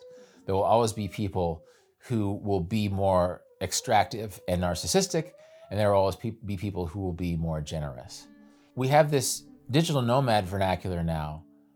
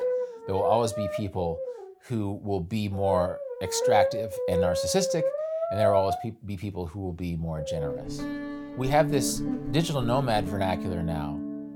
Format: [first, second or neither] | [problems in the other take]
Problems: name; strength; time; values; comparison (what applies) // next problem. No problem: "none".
first | background music; loud; throughout; 2 dB below the speech; faint in the first